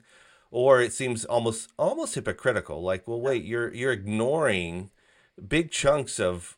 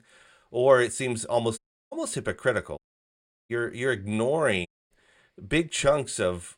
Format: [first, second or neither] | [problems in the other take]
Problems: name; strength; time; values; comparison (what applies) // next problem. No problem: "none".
first | audio cutting out; at 1.5 s, at 3 s for 0.5 s and at 4.5 s